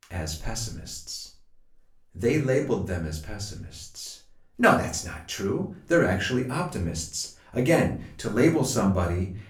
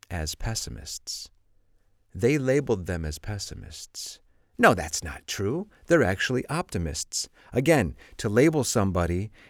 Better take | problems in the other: second | room echo; slight; dies away in 0.3 s // off-mic speech; far

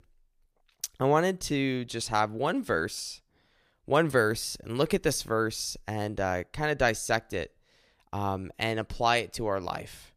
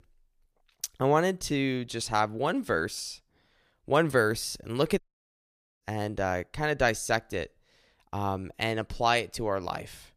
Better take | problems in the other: first | audio cutting out; at 5 s for 1 s

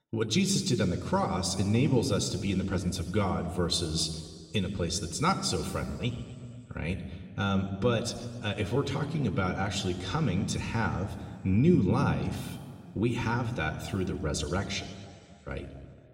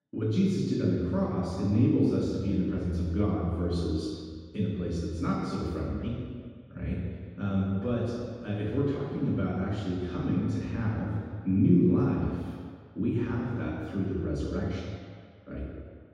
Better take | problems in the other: first | room echo; strong; dies away in 1.8 s; slight in the first // off-mic speech; far

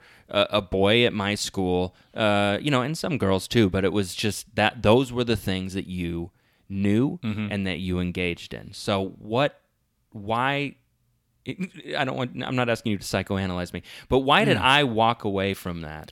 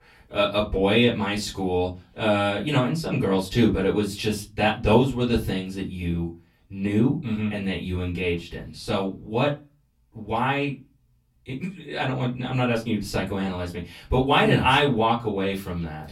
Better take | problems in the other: first | off-mic speech; far // room echo; very slight; dies away in 0.2 s

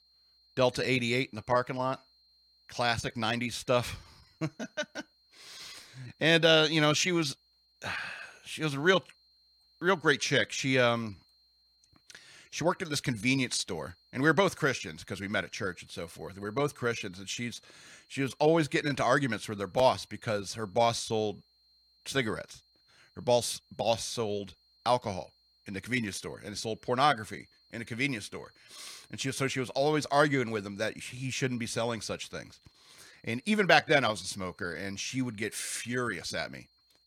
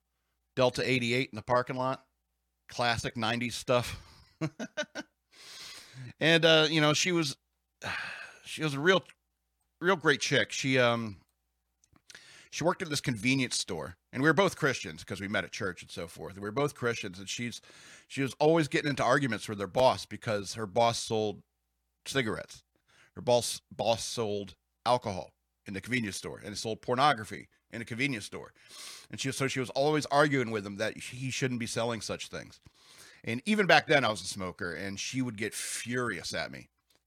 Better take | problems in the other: second | high-pitched whine; faint; throughout; 4 kHz, 35 dB below the speech

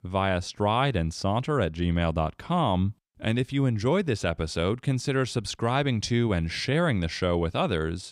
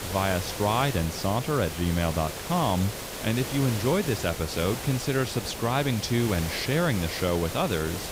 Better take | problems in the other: first | hiss; loud; throughout; 7 dB below the speech

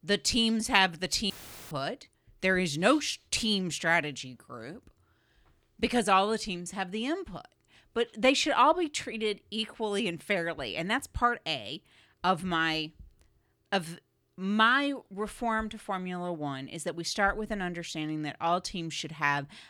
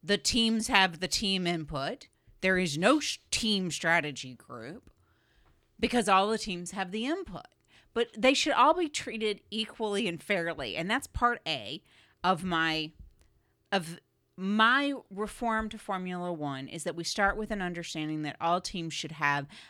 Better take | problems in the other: second | audio cutting out; filled with static; at 1.5 s

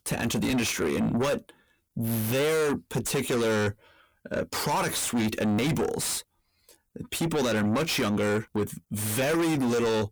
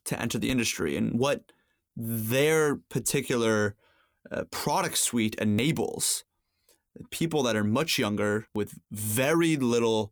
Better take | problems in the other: second | distortion; heavy; 7 dB below the speech

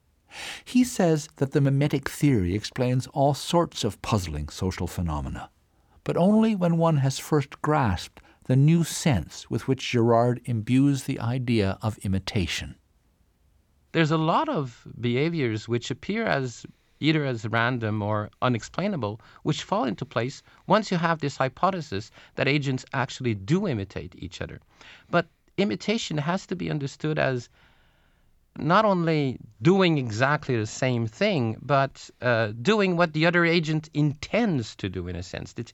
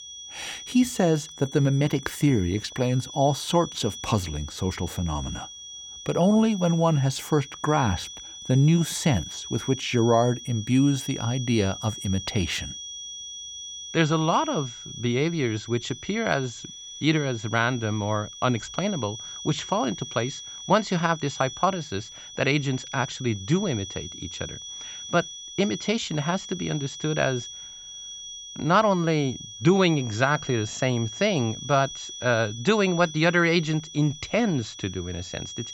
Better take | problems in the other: first | high-pitched whine; noticeable; throughout; 3.5 kHz, 10 dB below the speech

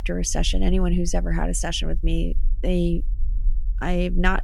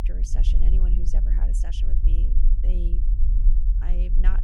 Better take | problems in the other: first | low rumble; loud; throughout; 2 dB below the speech; faint in the first

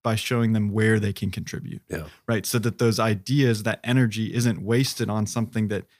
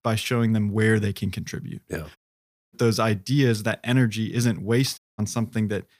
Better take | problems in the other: first | audio cutting out; at 2 s for 0.5 s and at 5 s

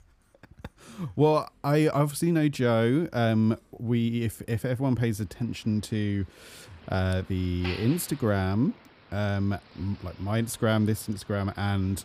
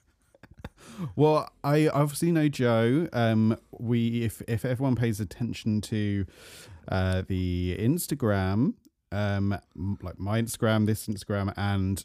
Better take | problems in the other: second | traffic noise; faint; throughout; 20 dB below the speech

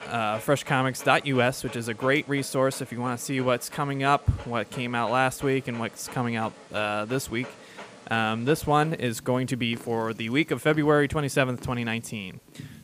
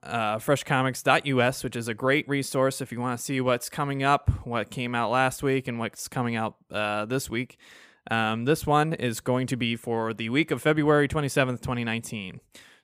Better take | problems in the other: second | animal sounds; noticeable; throughout; 20 dB below the speech

